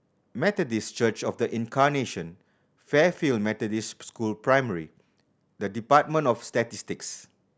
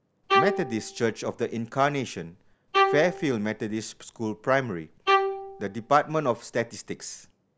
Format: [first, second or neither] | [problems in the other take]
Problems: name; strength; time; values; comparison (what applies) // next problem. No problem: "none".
first | background sound (Bowed string instrument); 2 dB below the speech